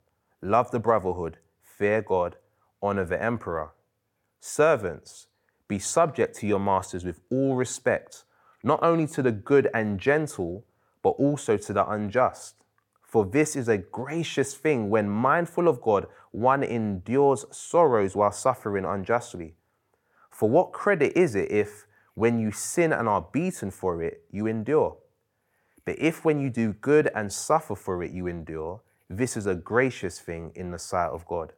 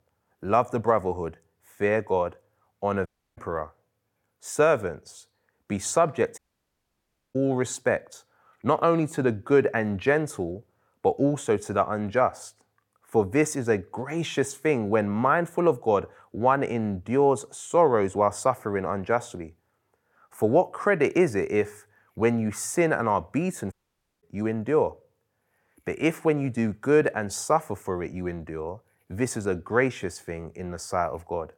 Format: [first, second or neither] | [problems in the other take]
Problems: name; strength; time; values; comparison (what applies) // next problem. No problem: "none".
first | audio cutting out; at 3 s, at 6.5 s for 1 s and at 24 s for 0.5 s